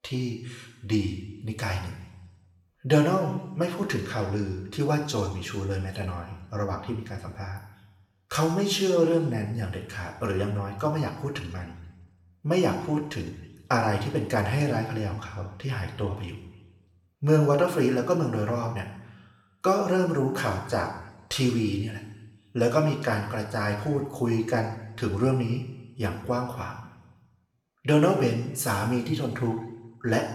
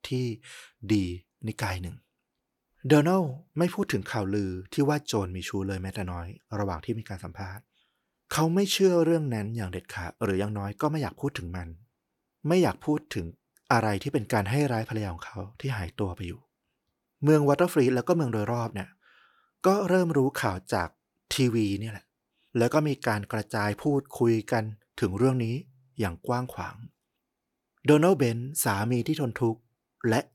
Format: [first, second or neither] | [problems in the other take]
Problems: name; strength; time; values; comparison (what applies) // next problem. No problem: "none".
second | room echo; noticeable; dies away in 1 s // off-mic speech; somewhat distant